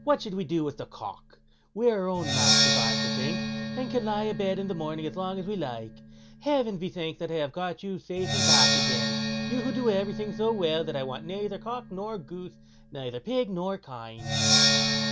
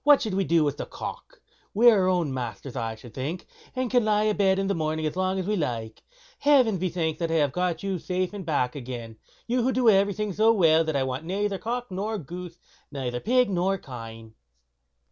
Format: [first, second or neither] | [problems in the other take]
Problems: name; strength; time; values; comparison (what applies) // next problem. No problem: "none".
second | background sound (Percussion); 1 dB above the speech